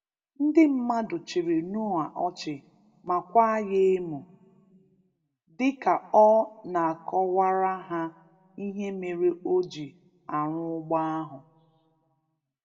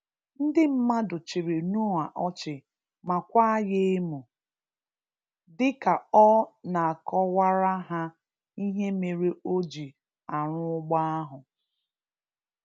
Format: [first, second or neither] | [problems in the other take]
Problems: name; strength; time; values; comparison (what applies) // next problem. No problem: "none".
second | room echo; dies away in 0.7 s